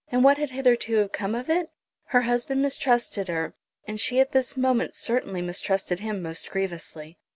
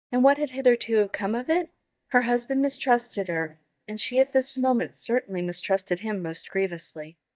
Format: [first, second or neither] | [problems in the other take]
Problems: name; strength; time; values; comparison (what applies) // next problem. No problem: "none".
first | noise reduction (neural mask model DeepFilterNet 3)